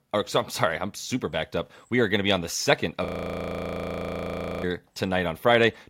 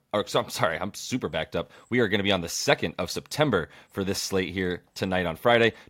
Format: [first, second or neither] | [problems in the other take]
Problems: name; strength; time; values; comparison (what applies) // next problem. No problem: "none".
second | audio freezing; at 3 s for 1.5 s